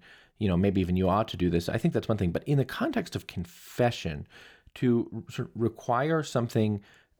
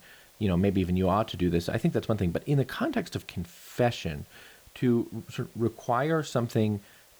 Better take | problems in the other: first | hiss; faint; throughout; 25 dB below the speech

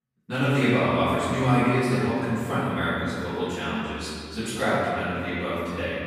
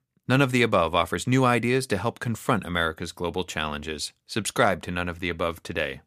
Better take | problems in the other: second | off-mic speech; far // room echo; strong; dies away in 2.5 s

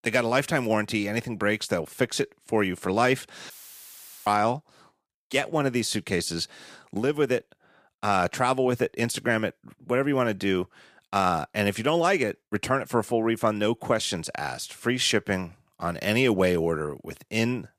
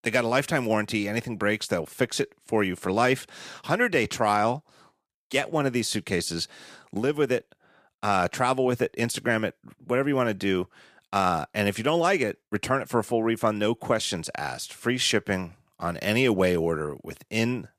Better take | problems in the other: second | audio cutting out; filled with static; at 3.5 s for 1 s

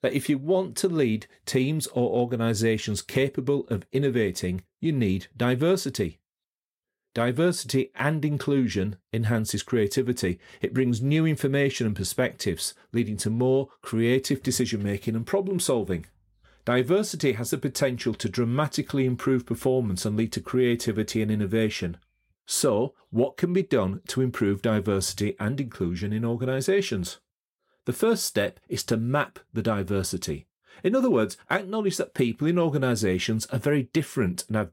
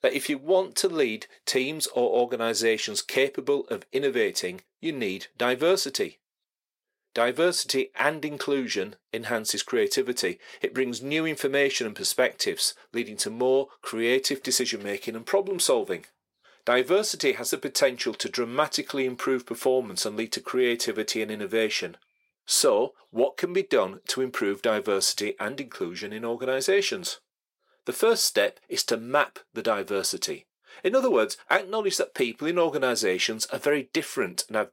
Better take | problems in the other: first | thin; somewhat; fading below 500 Hz

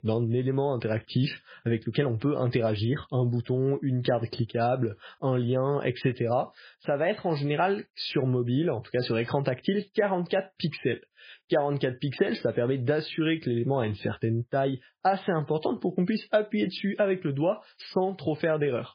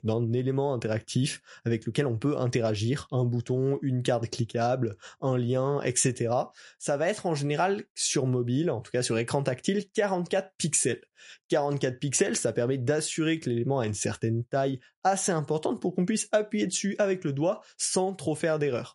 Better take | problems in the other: second | garbled, watery; badly; nothing above 5 kHz; slightly in the second

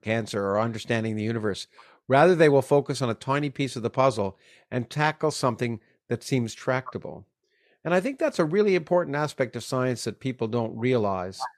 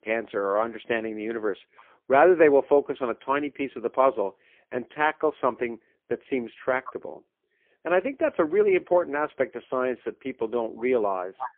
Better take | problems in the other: first | phone-call audio; poor line; nothing above 3.5 kHz

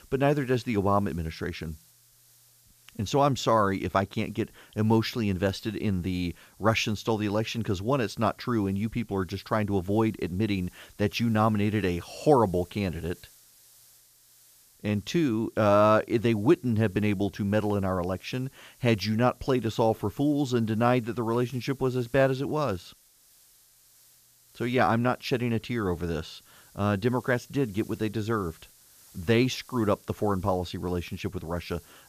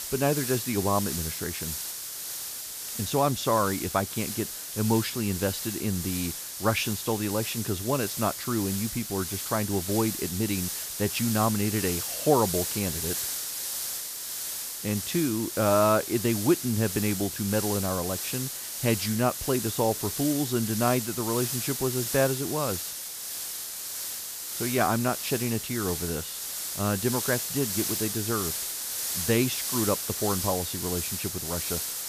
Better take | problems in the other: first | hiss; loud; throughout; 3 dB below the speech; faint in the first

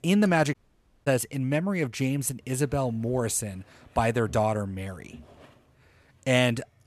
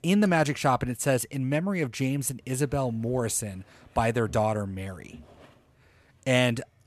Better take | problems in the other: second | audio cutting out; at 0.5 s for 0.5 s

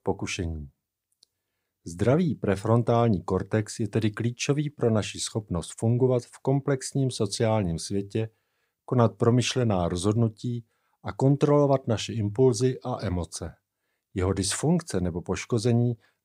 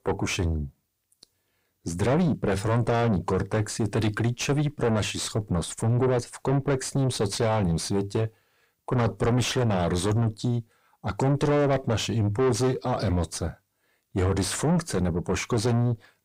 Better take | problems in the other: first | distortion; heavy; 5 dB below the speech

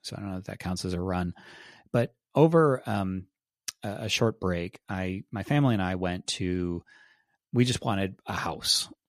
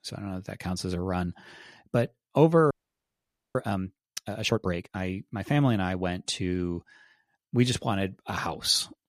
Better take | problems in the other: first | audio freezing; at 2.5 s for 1 s

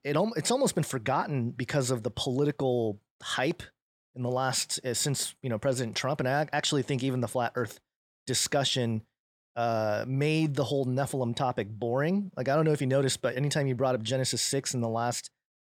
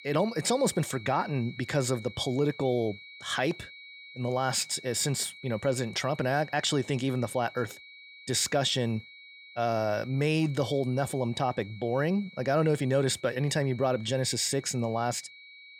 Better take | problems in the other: first | high-pitched whine; noticeable; throughout; 2.5 kHz, 20 dB below the speech

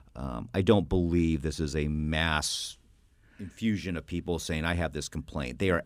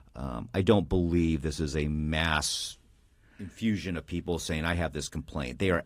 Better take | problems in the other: first | garbled, watery; slightly; nothing above 15 kHz

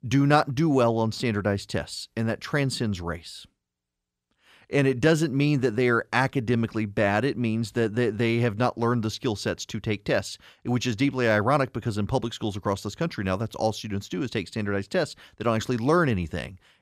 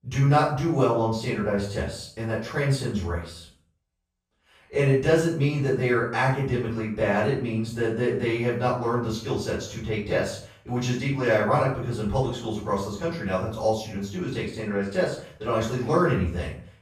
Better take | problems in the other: first | off-mic speech; far // room echo; noticeable; dies away in 0.5 s

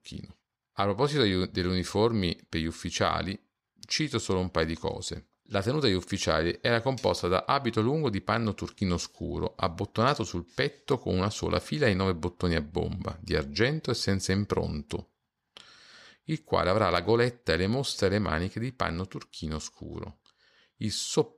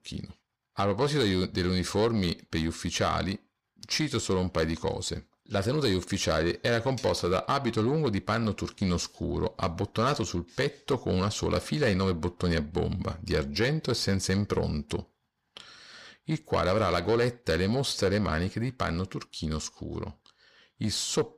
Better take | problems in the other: first | distortion; slight; 10 dB below the speech

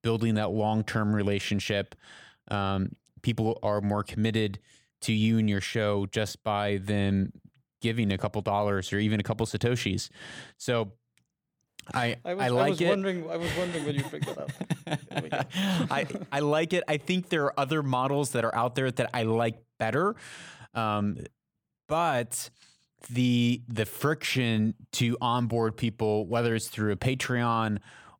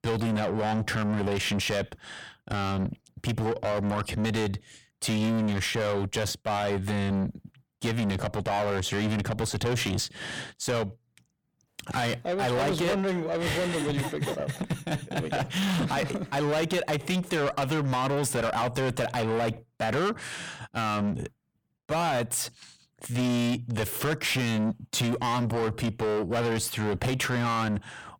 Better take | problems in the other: first | distortion; heavy; 6 dB below the speech

